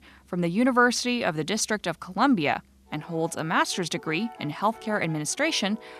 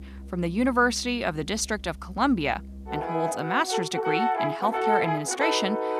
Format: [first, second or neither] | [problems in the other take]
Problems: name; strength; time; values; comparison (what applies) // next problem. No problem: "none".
first | background music; loud; throughout; 1 dB below the speech; faint in the first